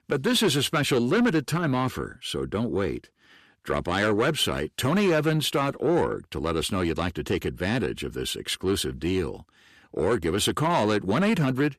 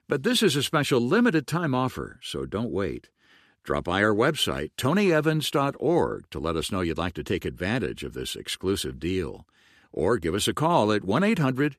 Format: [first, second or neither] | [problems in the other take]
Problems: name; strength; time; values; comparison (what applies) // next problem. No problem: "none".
second | distortion; slight; 10 dB below the speech